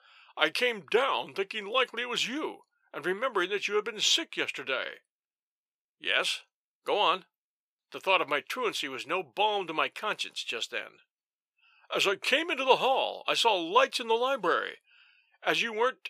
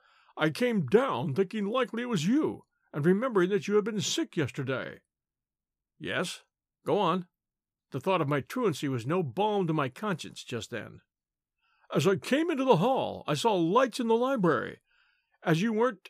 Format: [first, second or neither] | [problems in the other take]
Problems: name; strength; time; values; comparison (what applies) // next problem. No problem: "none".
second | thin; very; fading below 600 Hz